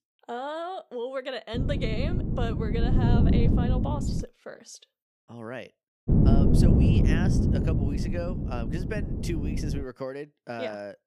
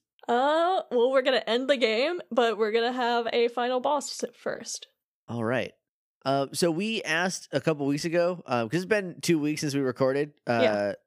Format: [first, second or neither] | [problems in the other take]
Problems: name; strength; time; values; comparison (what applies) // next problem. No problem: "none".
second | wind noise on the microphone; heavy; from 1.5 to 4 s and from 6 to 10 s; 1 dB above the speech